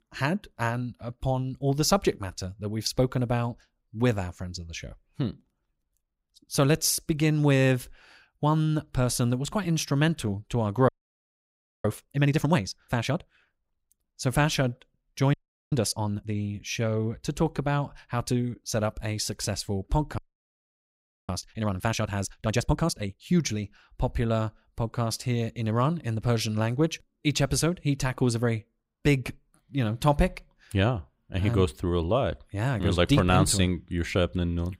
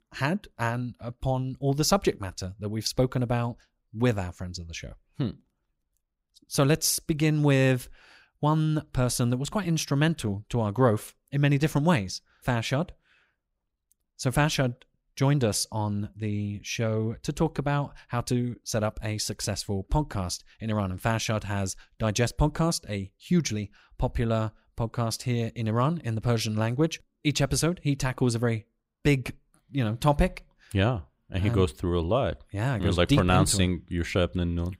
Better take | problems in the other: second | audio freezing; at 11 s for 1 s, at 15 s and at 20 s for 1 s

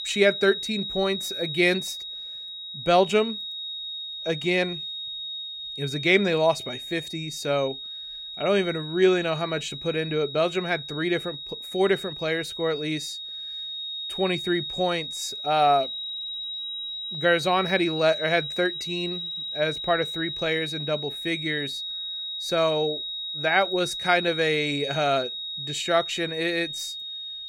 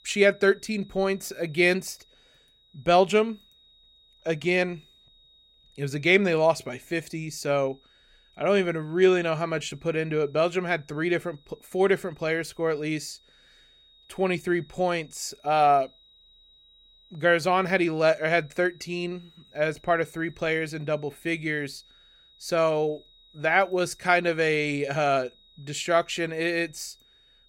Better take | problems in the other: second | high-pitched whine; loud; throughout; 4 kHz, 6 dB below the speech; faint in the second

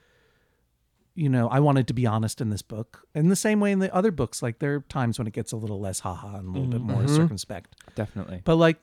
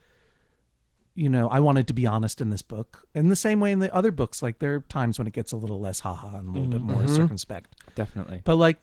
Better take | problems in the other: first | garbled, watery; slightly; nothing above 19 kHz

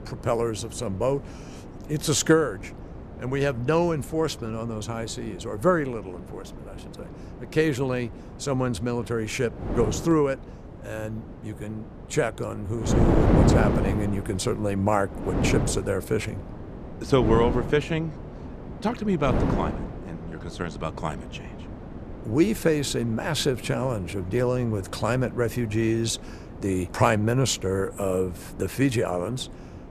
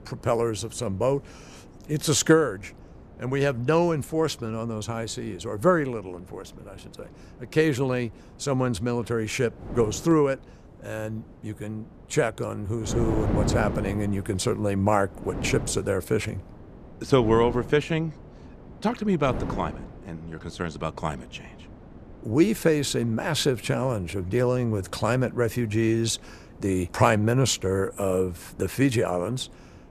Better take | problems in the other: second | wind noise on the microphone; heavy; 9 dB below the speech; occasional gusts in the second

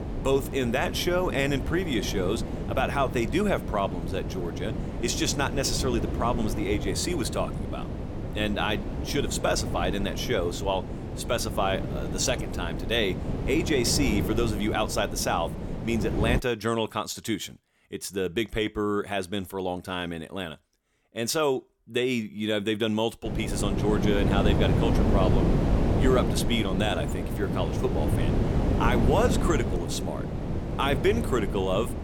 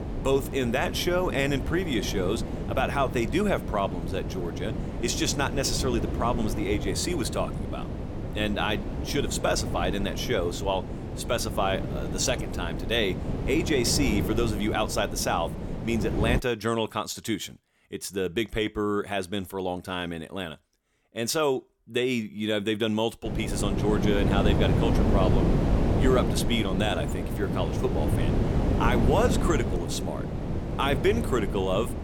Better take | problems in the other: neither | wind noise on the microphone; heavy; until 16 s and from 23 s on; 7 dB below the speech; the same in both

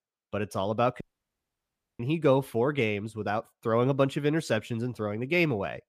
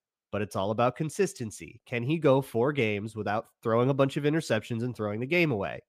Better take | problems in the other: second | audio cutting out; at 1 s for 1 s

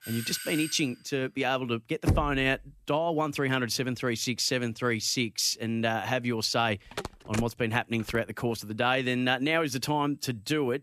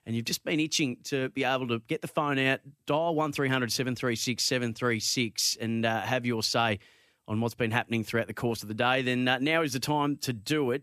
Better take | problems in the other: second | doorbell; noticeable; at the start; peak 7 dB below the speech // door banging; noticeable; at 2 s; peak 1 dB below the speech // phone ringing; noticeable; from 7 to 8 s; peak 8 dB below the speech

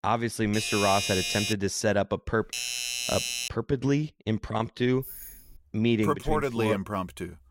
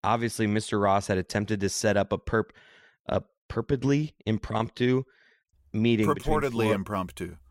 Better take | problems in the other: second | doorbell; loud; until 1.5 s; peak level with the speech // doorbell; noticeable; from 2.5 to 3.5 s; peak level with the speech // jangling keys; faint; at 5 s; peak 10 dB below the speech

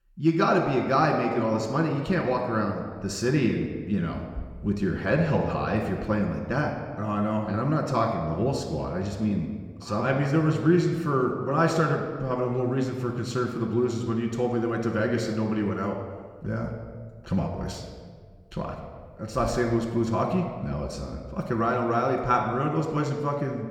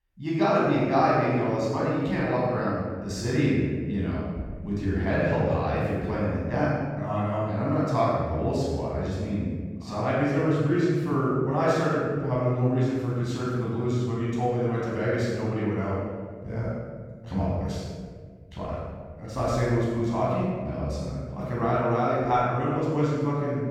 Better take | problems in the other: first | room echo; strong; dies away in 1.6 s; slight in the first // off-mic speech; far

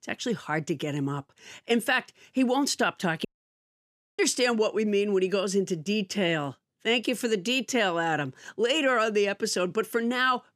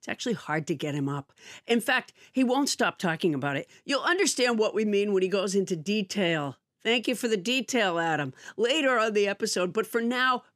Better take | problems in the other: second | audio cutting out; at 3.5 s for 1 s

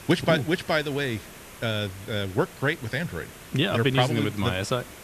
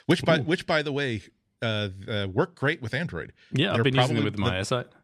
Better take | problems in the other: second | hiss; noticeable; throughout; 15 dB below the speech

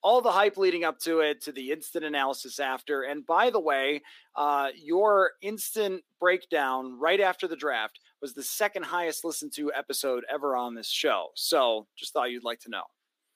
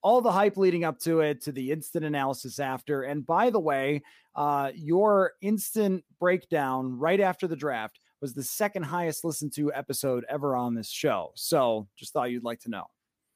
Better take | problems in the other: second | thin; somewhat; fading below 300 Hz

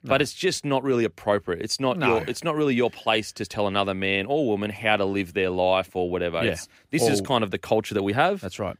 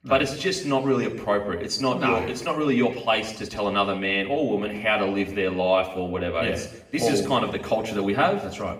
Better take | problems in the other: first | room echo; slight; dies away in 0.7 s // off-mic speech; somewhat distant

